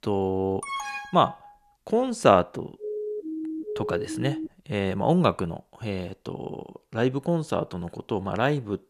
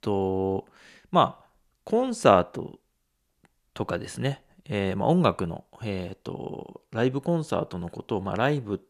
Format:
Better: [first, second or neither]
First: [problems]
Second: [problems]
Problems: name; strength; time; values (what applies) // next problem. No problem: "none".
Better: second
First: alarm; noticeable; at 0.5 s; peak 5 dB below the speech // siren; noticeable; from 3 to 4.5 s; peak 6 dB below the speech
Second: none